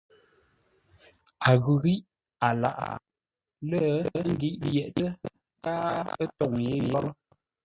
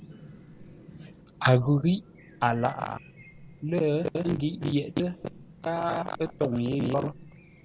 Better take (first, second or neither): first